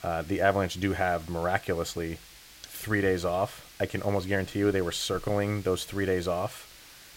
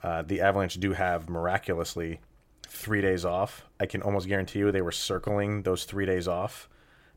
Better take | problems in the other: second | hiss; noticeable; throughout; 20 dB below the speech

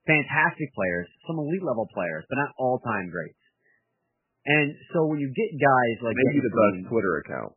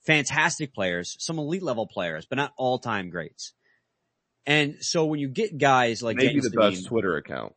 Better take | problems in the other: second | garbled, watery; badly; nothing above 3 kHz; slightly in the second

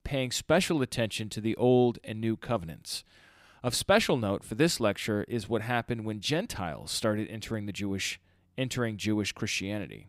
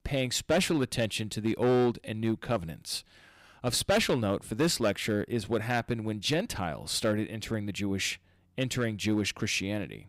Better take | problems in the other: first | distortion; slight; 4% of the sound clipped

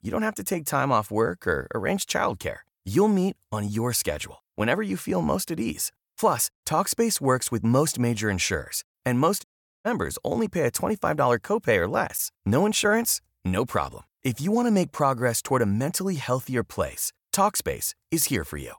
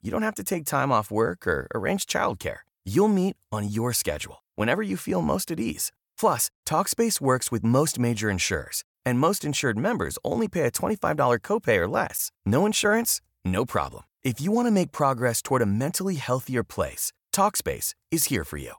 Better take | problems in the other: second | audio cutting out; at 9.5 s

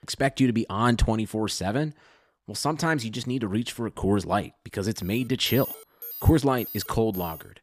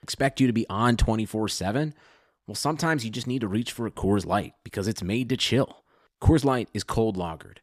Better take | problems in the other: second | alarm; noticeable; from 5 s on; peak 7 dB below the speech

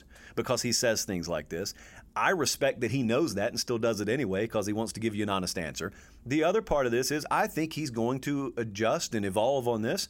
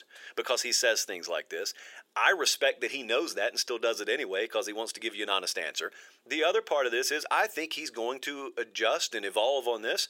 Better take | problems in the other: first | thin; very; fading below 400 Hz

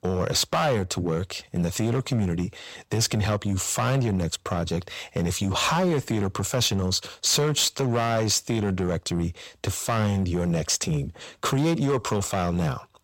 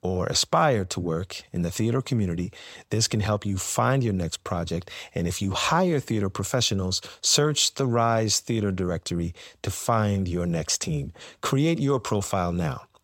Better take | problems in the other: second | distortion; slight; 9% of the sound clipped

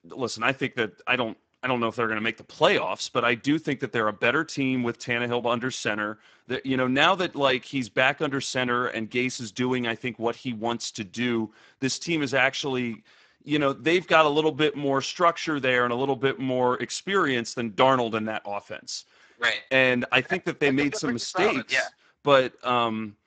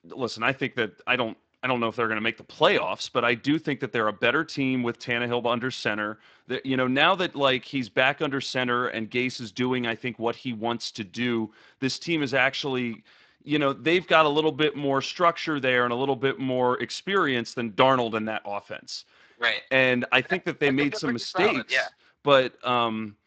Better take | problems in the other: second | garbled, watery; badly; nothing above 8 kHz; slightly in the second

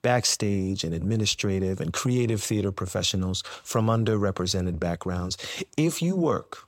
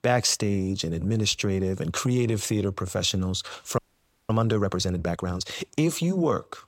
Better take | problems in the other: first | audio freezing; at 4 s for 0.5 s

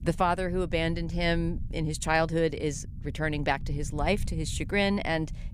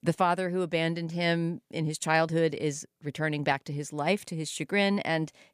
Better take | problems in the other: second | low rumble; faint; throughout; 25 dB below the speech

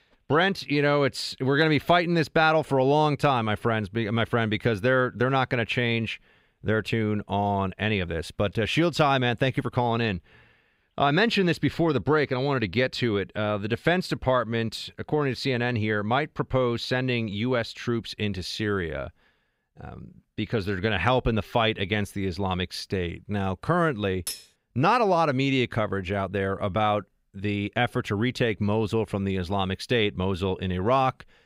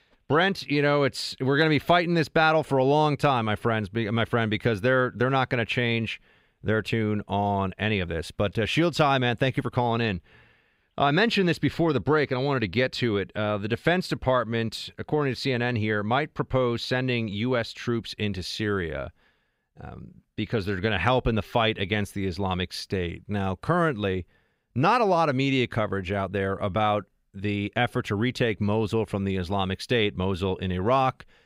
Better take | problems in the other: second | clattering dishes; noticeable; at 24 s; peak 9 dB below the speech

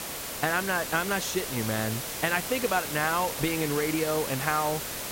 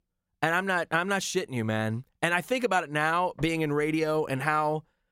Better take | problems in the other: second | hiss; loud; throughout; 4 dB below the speech

